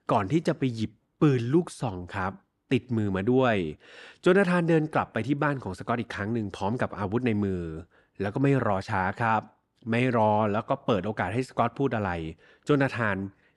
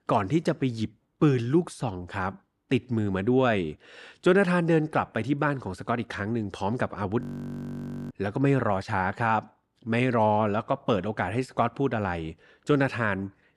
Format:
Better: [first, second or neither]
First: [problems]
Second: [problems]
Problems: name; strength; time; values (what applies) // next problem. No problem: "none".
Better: first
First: none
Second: audio freezing; at 7 s for 1 s